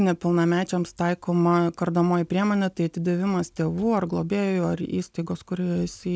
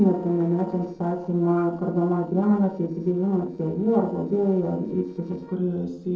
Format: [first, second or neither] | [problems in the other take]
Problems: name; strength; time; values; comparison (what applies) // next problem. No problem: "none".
first | noise reduction (neural separator model SepFormer DNS4)